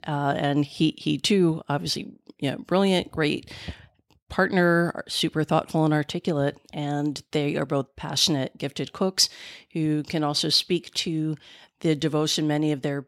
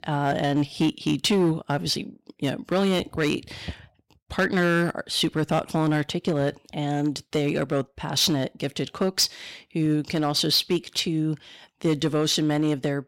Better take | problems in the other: first | distortion; slight; 5% of the sound clipped

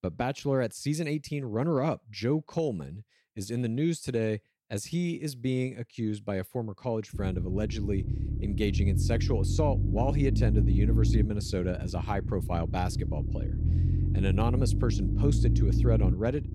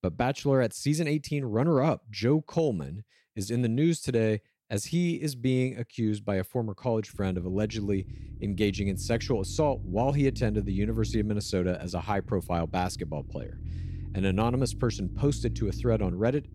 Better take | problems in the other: second | low rumble; loud; from 7 s on; 7 dB below the speech; faint in the second

